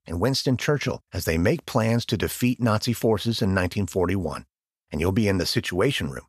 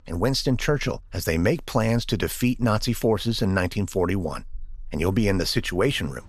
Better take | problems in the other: first | animal sounds; faint; throughout; 20 dB below the speech

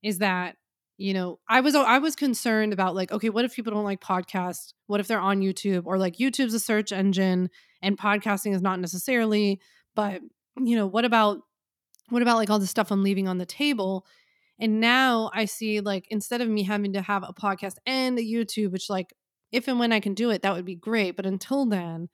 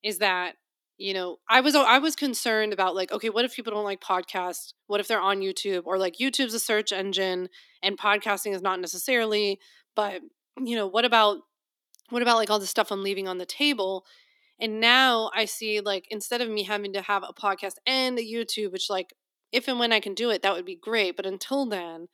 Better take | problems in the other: first | thin; somewhat; fading below 300 Hz

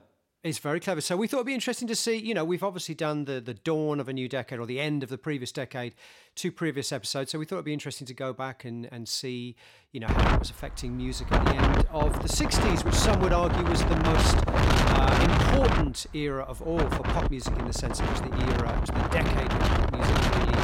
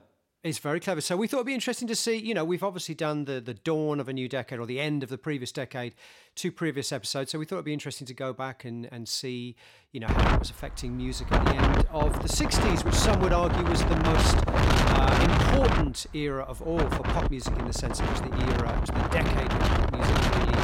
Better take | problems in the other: neither | wind noise on the microphone; heavy; from 10 s on; 4 dB above the speech; the same in both

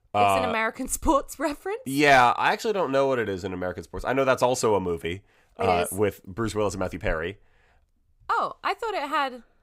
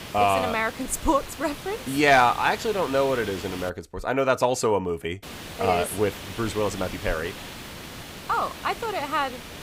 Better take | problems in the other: first | hiss; noticeable; until 3.5 s and from 5 s on; 10 dB below the speech

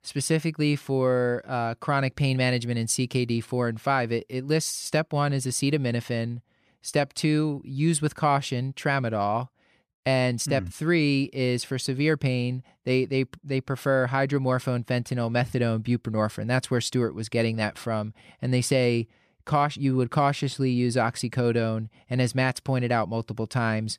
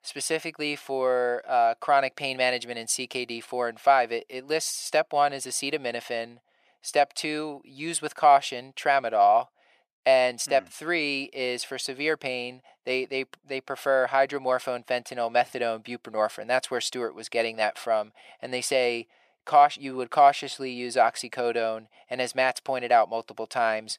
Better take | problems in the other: first | thin; very; fading below 550 Hz

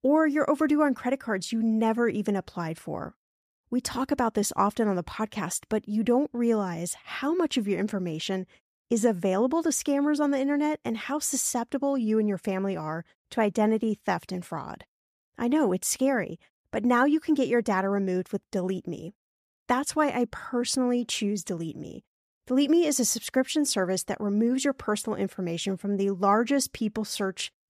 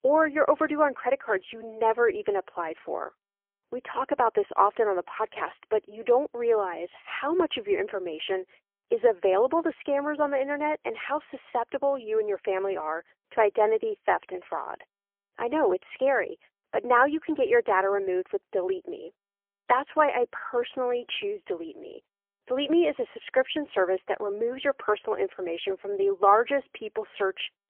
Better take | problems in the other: first | phone-call audio; poor line; nothing above 3.5 kHz

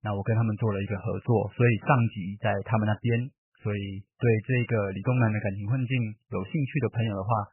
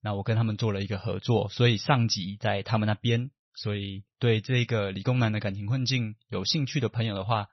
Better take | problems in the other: second | garbled, watery; badly; nothing above 3 kHz; slightly in the second

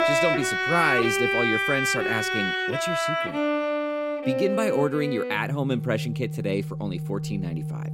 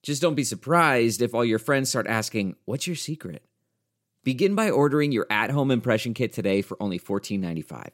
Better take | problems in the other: second | background music; very loud; throughout; 2 dB above the speech

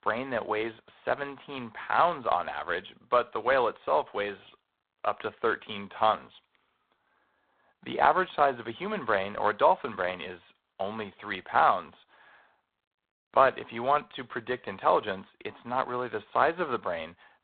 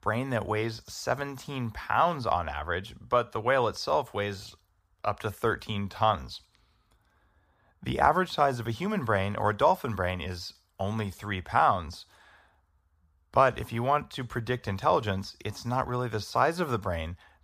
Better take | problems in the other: second | phone-call audio; poor line; nothing above 4 kHz

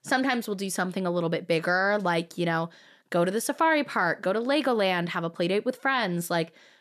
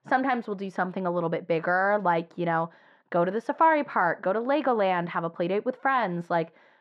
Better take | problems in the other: first | muffled; very; fading above 2 kHz

